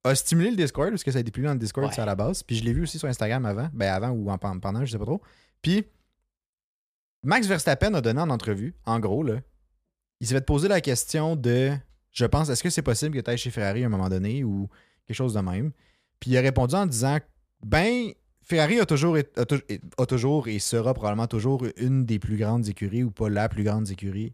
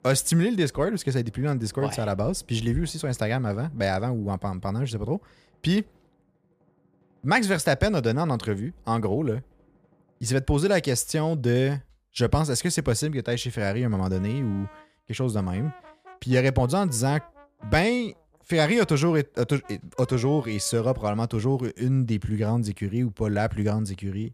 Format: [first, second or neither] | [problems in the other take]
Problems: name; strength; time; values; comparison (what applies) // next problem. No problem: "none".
first | background music; faint; throughout; 30 dB below the speech